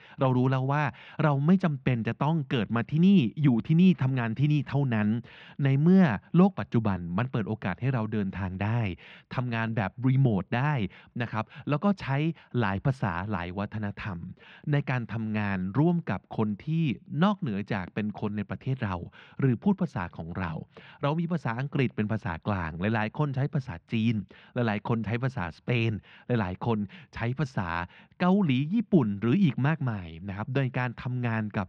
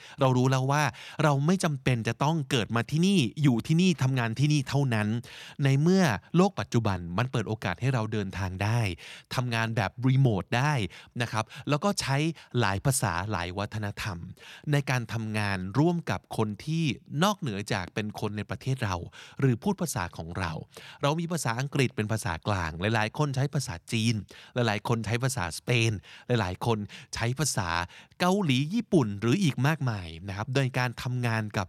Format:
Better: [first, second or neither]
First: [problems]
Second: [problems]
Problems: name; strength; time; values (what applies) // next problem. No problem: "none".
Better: second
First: muffled; very; fading above 3 kHz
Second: none